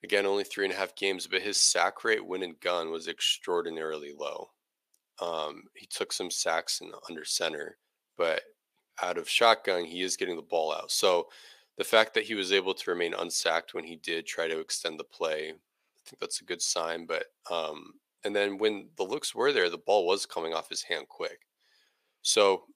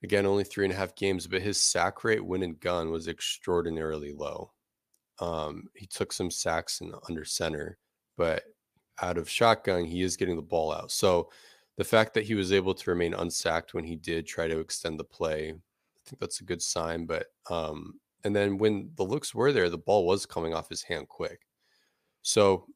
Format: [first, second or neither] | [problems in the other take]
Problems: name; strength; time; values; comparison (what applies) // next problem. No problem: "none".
second | thin; somewhat; fading below 400 Hz